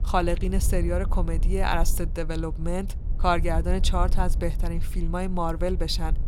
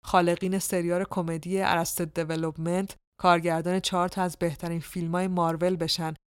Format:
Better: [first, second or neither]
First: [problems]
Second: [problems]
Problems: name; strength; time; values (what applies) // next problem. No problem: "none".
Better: second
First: low rumble; noticeable; throughout; 20 dB below the speech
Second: none